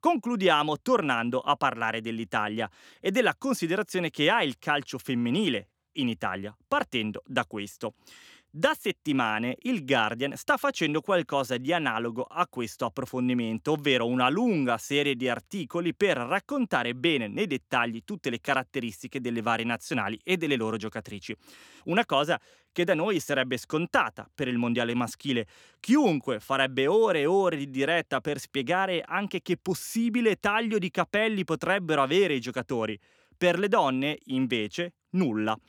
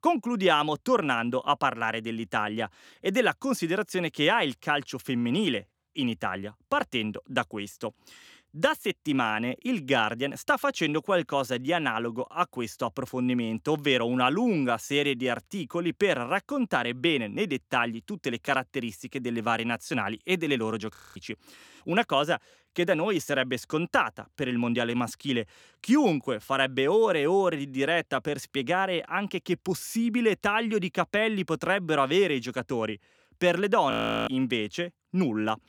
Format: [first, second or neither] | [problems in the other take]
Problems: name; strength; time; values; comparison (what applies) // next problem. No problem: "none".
first | audio freezing; at 21 s and at 34 s